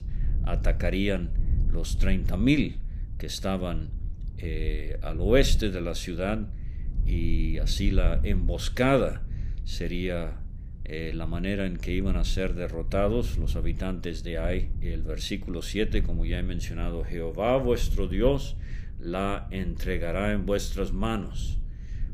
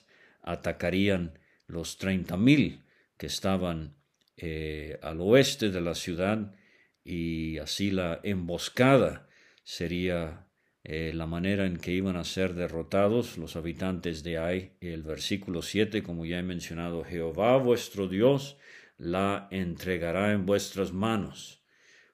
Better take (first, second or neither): second